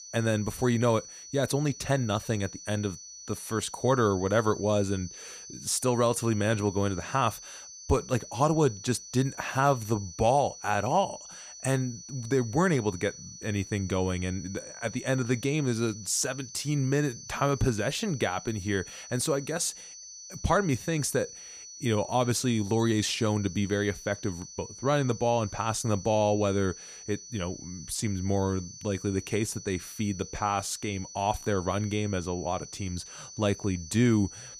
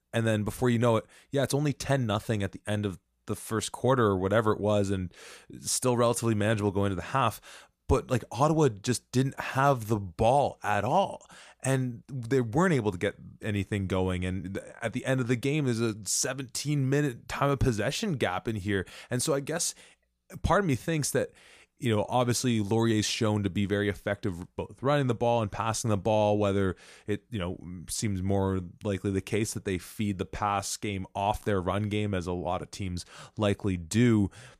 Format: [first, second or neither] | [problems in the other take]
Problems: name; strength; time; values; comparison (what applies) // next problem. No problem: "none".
second | high-pitched whine; noticeable; throughout; 6 kHz, 15 dB below the speech